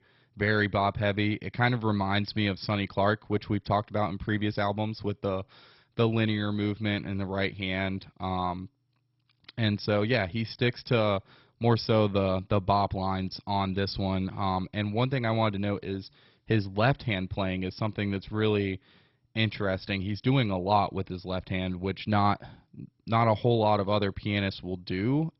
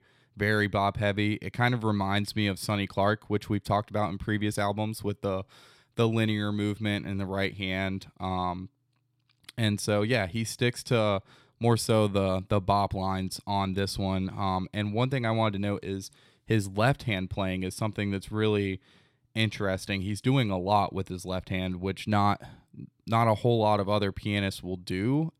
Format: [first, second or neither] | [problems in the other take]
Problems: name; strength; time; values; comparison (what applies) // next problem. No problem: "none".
second | garbled, watery; badly; nothing above 5.5 kHz